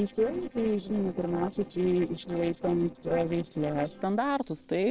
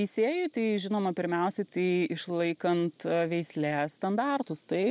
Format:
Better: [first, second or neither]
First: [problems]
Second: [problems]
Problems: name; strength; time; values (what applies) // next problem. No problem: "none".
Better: second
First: noise reduction (neural separator model SepFormer DNS4)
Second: none